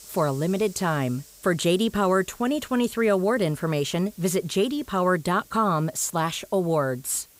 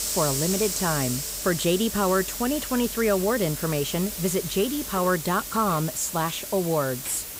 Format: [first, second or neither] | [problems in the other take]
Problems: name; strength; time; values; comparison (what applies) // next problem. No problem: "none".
first | hiss; loud; throughout; 5 dB below the speech; faint in the first